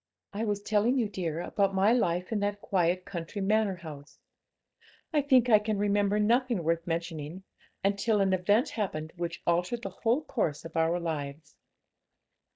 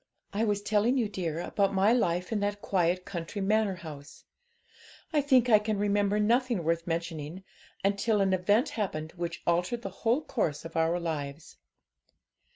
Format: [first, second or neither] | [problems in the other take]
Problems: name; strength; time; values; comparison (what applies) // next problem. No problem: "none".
second | noise reduction (neural mask model DeepFilterNet 3)